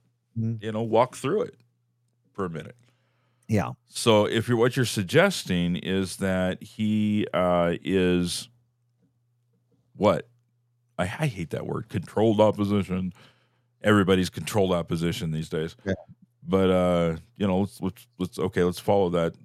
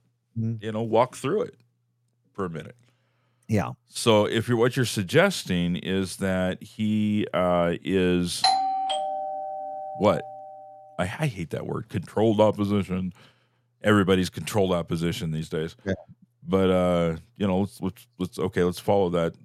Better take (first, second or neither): first